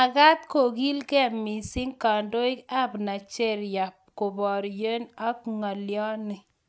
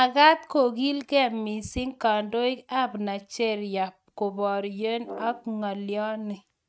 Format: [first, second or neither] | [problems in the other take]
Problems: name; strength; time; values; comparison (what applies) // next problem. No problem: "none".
first | noise reduction (neural mask model RNNoise)